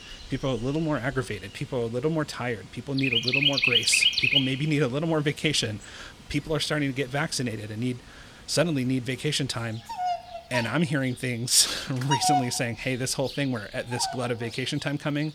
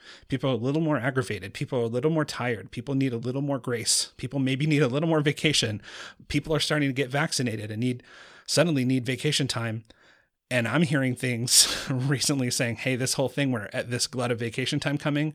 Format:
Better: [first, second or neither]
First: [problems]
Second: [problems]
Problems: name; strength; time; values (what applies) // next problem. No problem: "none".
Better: second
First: animal sounds; very loud; throughout; 3 dB above the speech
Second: none